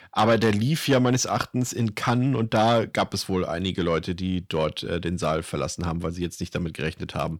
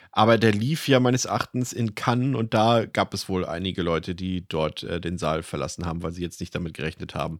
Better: second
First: distortion; slight; 10 dB below the speech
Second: none

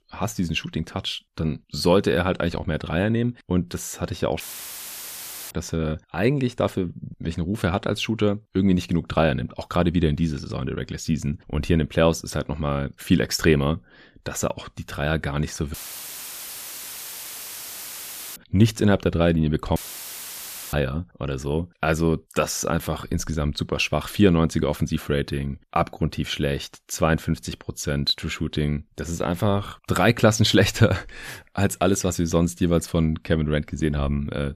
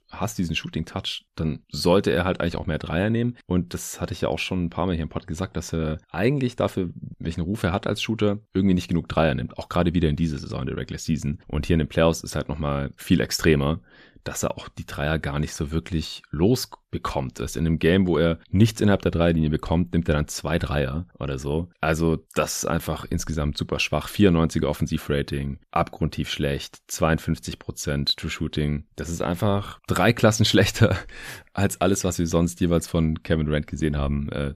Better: second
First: audio cutting out; filled with static; at 4.5 s for 1 s, at 16 s for 2.5 s and at 20 s for 1 s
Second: none

